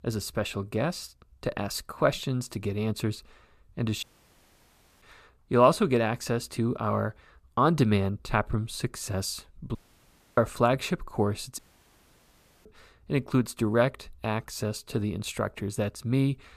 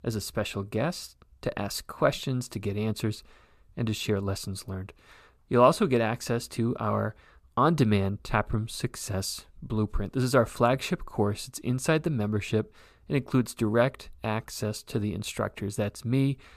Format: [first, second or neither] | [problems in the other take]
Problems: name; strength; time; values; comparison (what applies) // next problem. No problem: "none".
second | audio cutting out; at 4 s for 1 s, at 10 s for 0.5 s and at 12 s for 1 s